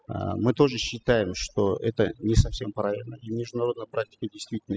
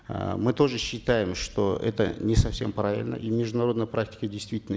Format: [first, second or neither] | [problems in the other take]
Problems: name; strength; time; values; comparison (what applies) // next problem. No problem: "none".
second | noise reduction (classical method spectral subtraction)